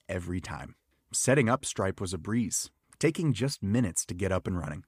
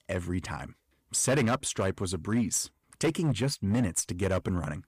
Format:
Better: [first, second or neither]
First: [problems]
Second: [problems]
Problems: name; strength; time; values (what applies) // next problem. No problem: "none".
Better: first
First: none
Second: distortion; slight; 5% of the sound clipped